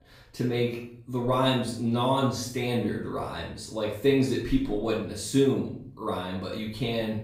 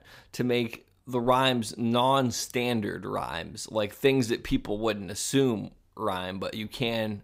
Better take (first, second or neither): second